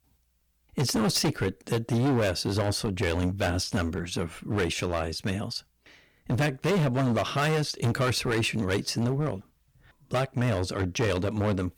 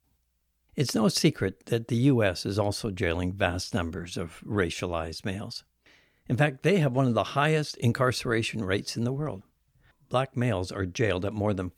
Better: second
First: distortion; heavy; 14% of the sound clipped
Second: none

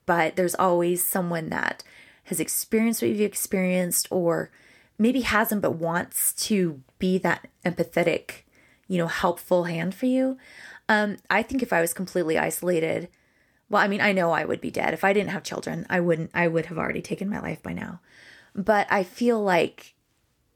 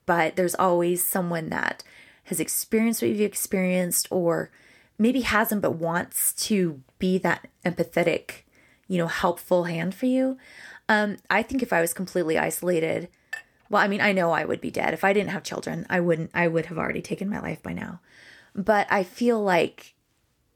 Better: first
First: none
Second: clattering dishes; faint; at 13 s; peak 15 dB below the speech

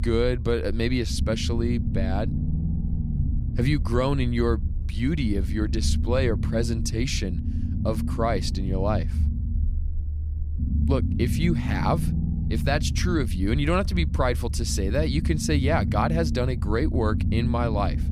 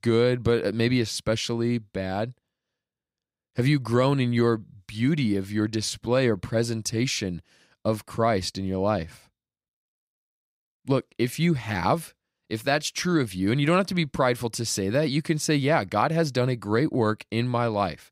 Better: second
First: low rumble; noticeable; throughout; 10 dB below the speech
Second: none

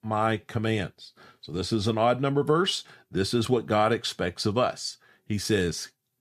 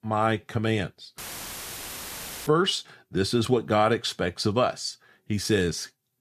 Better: first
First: none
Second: audio cutting out; filled with static; at 1 s for 1.5 s

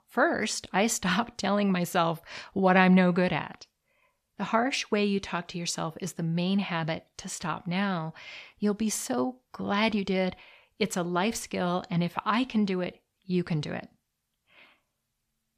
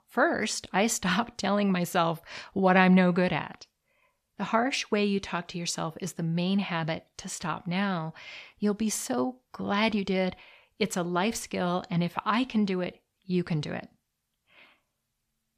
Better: neither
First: none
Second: none

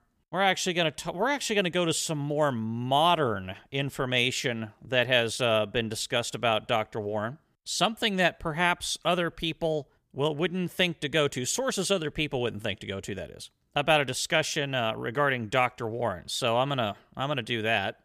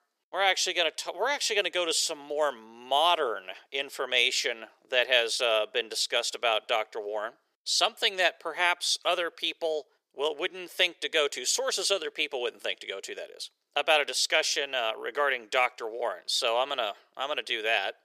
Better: first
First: none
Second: thin; very; fading below 450 Hz

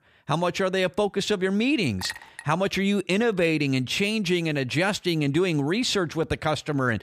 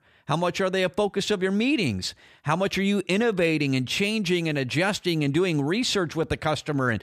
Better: second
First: clattering dishes; faint; at 2 s; peak 10 dB below the speech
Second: none

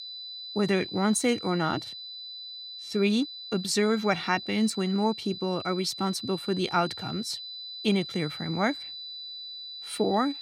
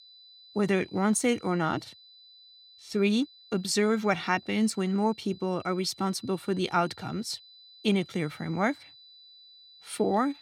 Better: second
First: high-pitched whine; loud; throughout; 4 kHz, 9 dB below the speech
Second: high-pitched whine; faint; throughout; 4 kHz, 25 dB below the speech

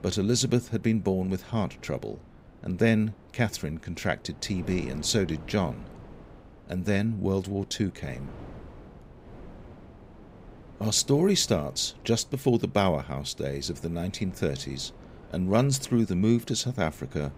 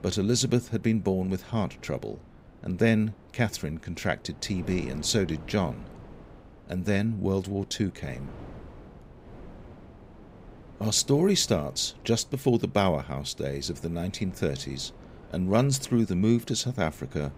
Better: neither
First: wind noise on the microphone; occasional gusts; 20 dB below the speech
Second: wind noise on the microphone; occasional gusts; 20 dB below the speech

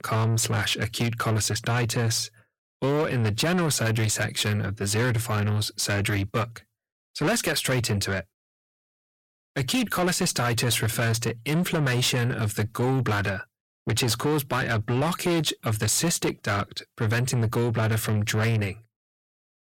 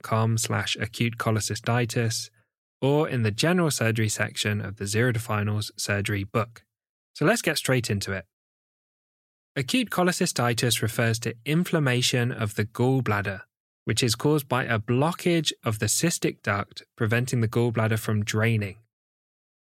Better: second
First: distortion; heavy; 7 dB below the speech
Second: none

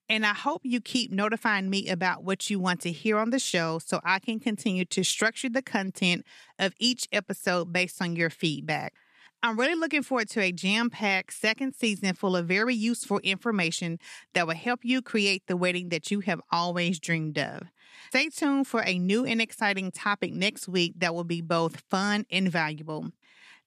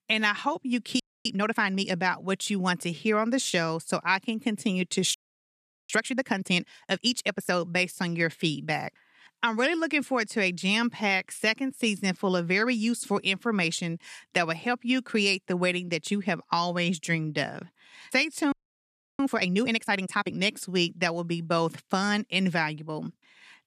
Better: first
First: none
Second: audio freezing; at 1 s, at 5 s for 1 s and at 19 s for 0.5 s

